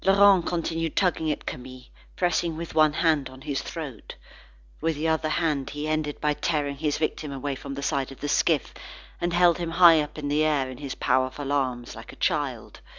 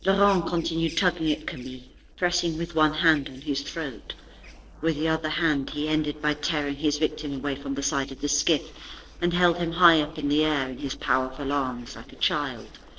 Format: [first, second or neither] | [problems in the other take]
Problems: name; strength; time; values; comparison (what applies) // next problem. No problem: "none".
first | noise reduction (neural separator model SepFormer DNS4)